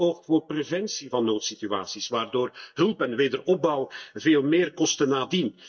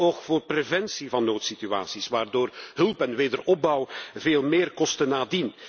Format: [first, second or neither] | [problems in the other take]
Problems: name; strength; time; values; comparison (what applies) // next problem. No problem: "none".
second | noise reduction (neural mask model DeepFilterNet 3)